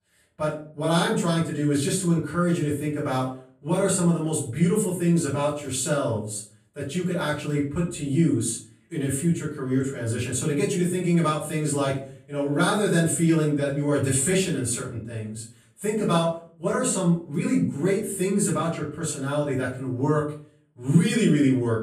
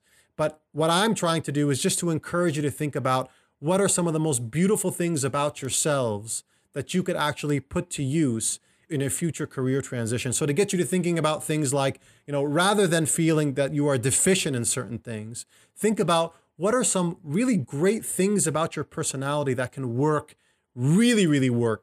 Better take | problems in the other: second | room echo; slight; dies away in 0.4 s // off-mic speech; far

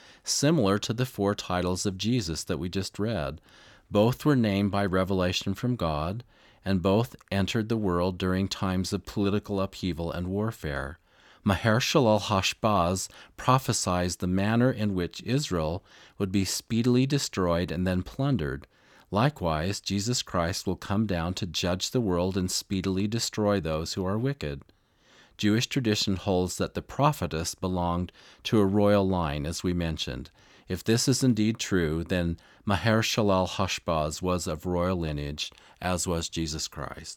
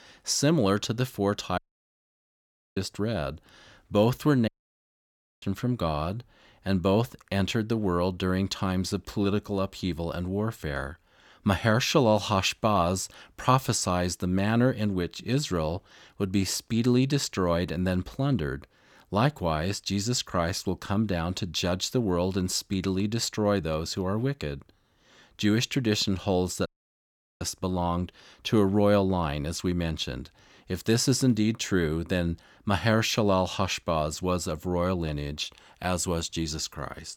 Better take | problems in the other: first | audio cutting out; at 1.5 s for 1 s, at 4.5 s for 1 s and at 27 s for 1 s

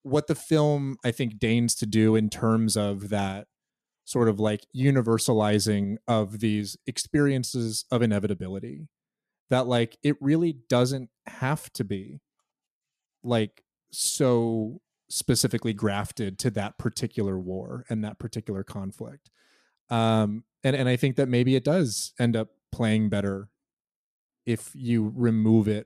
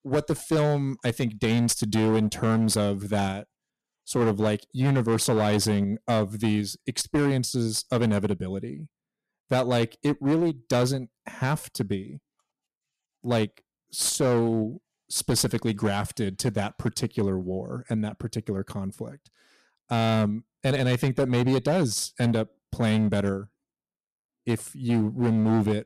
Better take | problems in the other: first | distortion; slight; 11% of the sound clipped

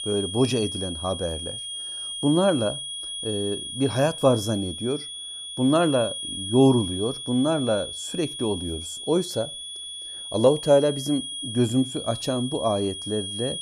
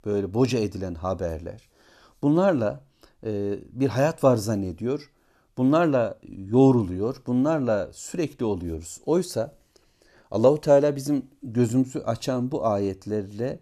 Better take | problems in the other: second | high-pitched whine; loud; throughout; 3.5 kHz, 7 dB below the speech

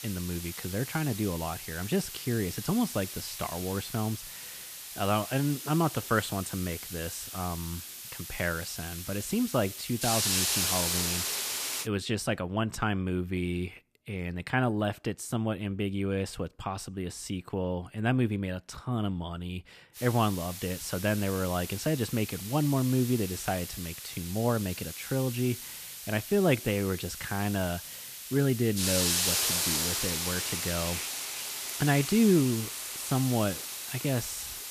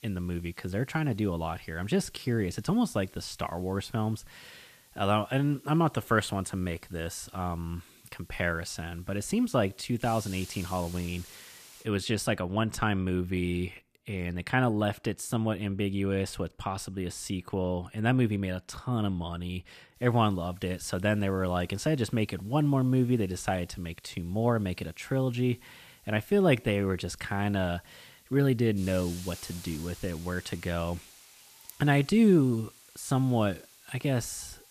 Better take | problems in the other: second | hiss; loud; until 12 s and from 20 s on; 2 dB below the speech; faint in the second

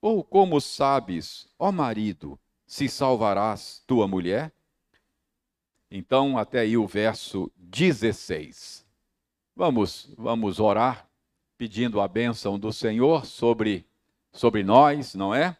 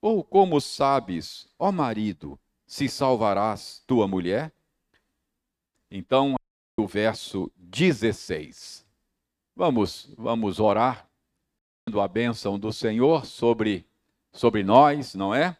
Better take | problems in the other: first | audio cutting out; at 6.5 s and at 12 s

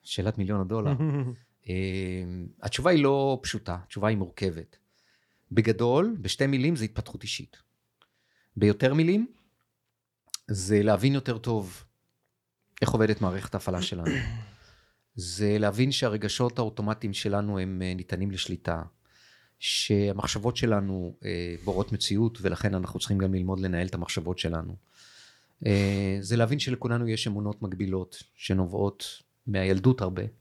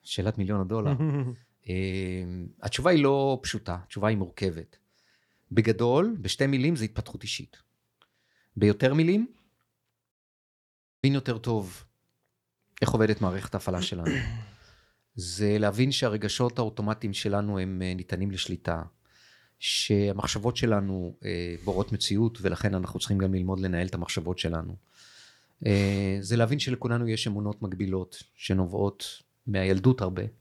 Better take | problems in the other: first | audio cutting out; at 10 s for 1 s

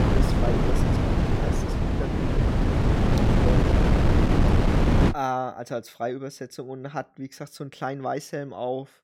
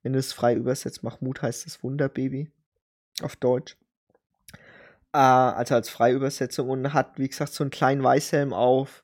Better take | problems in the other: second | wind noise on the microphone; heavy; until 5 s; 4 dB above the speech

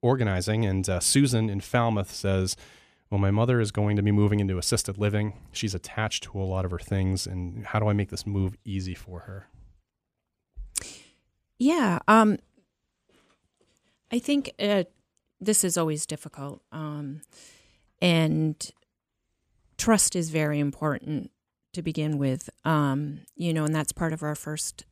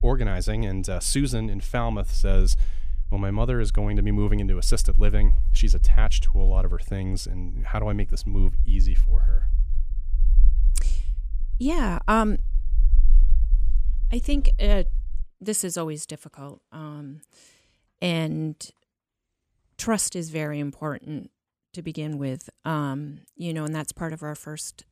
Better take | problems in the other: first | low rumble; faint; until 15 s; 20 dB below the speech

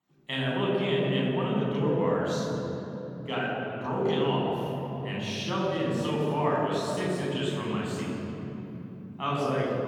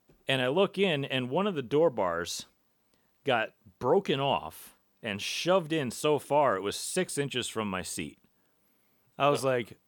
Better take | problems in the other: second | room echo; strong; dies away in 3 s // off-mic speech; far

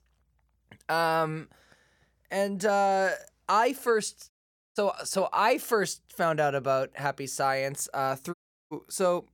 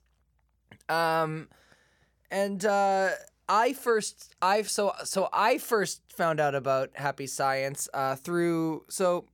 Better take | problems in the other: second | audio cutting out; at 4.5 s and at 8.5 s

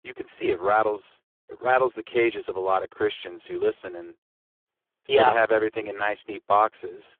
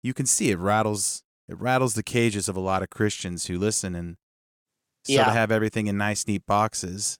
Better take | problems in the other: second | phone-call audio; poor line

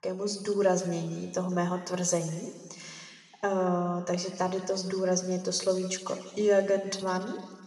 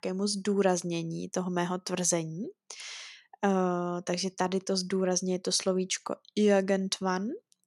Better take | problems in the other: second | room echo; noticeable; dies away in 1.6 s // off-mic speech; somewhat distant

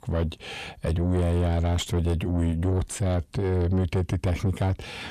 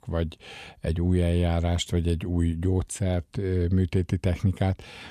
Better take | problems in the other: second | distortion; slight; 10 dB below the speech

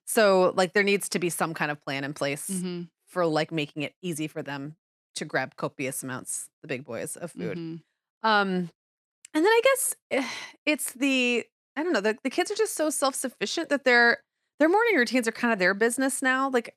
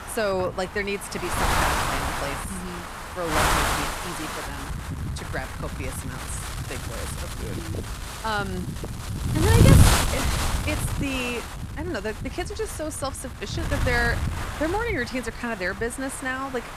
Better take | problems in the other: first | wind noise on the microphone; heavy; 1 dB above the speech

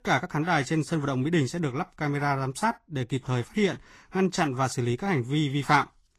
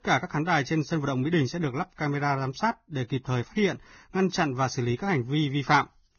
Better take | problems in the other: first | garbled, watery; badly; nothing above 6.5 kHz; slightly in the first

